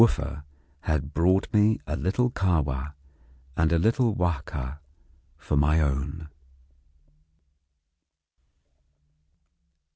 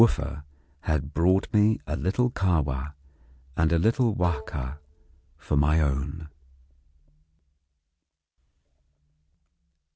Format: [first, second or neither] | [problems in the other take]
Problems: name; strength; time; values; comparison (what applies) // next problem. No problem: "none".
first | background sound (Bowed string instrument); 19 dB below the speech